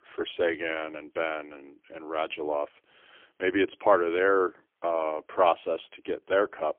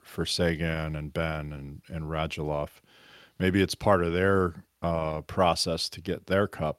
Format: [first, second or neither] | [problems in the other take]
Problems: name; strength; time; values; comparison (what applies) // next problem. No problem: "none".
second | phone-call audio; poor line; nothing above 3.5 kHz